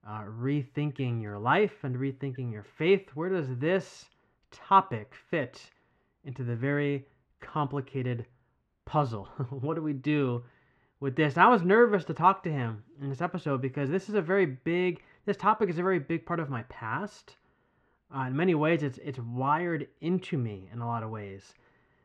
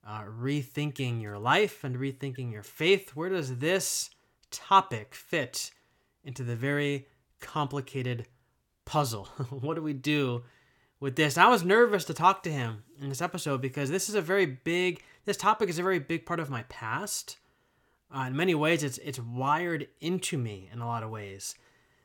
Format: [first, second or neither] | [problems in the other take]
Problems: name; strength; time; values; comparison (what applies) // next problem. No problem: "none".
second | muffled; very; fading above 2 kHz